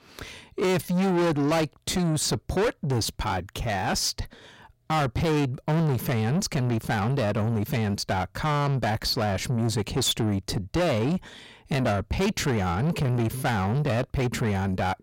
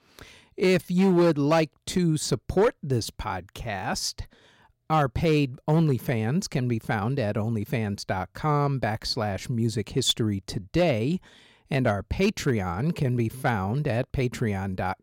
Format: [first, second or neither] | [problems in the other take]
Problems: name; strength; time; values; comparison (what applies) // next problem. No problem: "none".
second | distortion; heavy; 8 dB below the speech